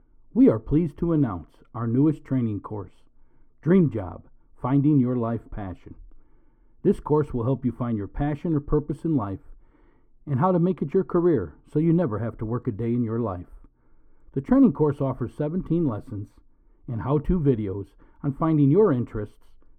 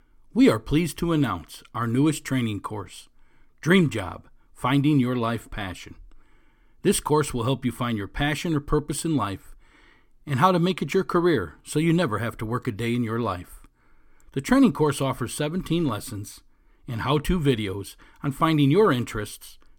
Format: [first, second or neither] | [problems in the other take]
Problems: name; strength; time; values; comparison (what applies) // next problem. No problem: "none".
second | muffled; very; fading above 2 kHz